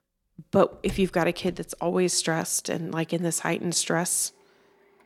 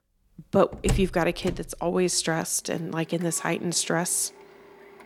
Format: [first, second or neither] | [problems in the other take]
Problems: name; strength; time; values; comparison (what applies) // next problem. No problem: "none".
first | household noises; loud; throughout; 9 dB below the speech; faint in the first